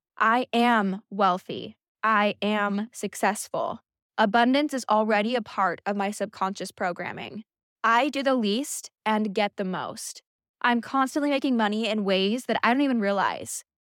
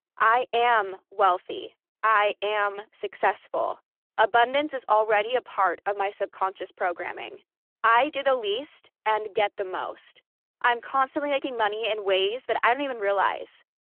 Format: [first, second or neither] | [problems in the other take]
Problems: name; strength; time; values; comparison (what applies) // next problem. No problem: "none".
first | phone-call audio; nothing above 3 kHz